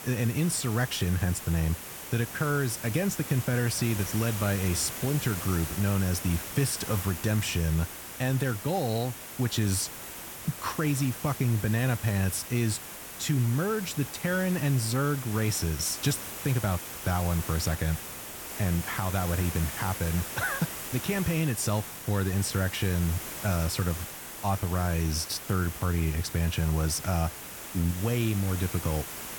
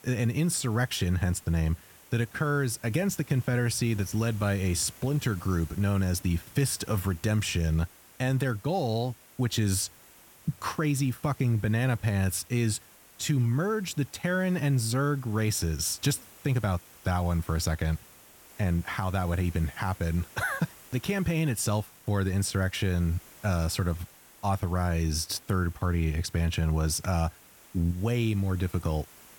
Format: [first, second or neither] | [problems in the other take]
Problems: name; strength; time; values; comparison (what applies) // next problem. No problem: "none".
second | hiss; loud; throughout; 8 dB below the speech; faint in the second